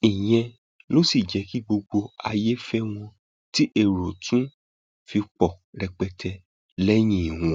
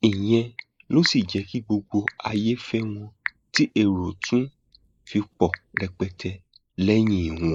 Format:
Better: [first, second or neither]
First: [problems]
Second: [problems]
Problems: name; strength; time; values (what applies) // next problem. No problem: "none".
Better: first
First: none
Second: noise reduction (neural mask model Resemble Enhance denoiser)